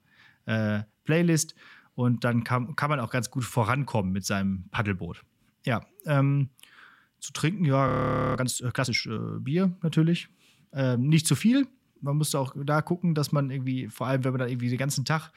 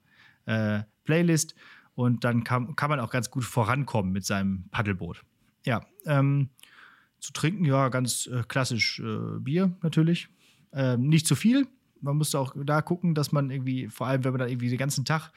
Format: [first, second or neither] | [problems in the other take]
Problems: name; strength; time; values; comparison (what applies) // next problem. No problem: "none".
second | audio freezing; at 8 s